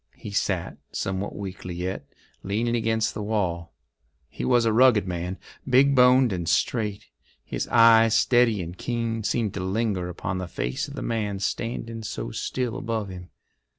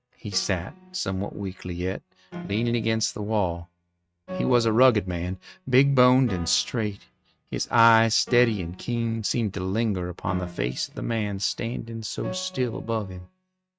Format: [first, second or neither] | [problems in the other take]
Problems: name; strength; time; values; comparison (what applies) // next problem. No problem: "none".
first | noise reduction (neural mask model RNNoise)